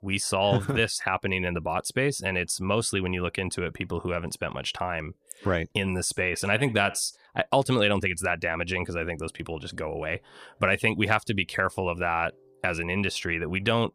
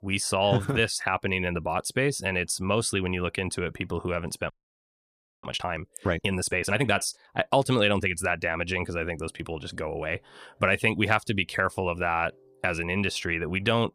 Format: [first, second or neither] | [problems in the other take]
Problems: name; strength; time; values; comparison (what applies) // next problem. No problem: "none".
first | audio freezing; at 4.5 s for 1 s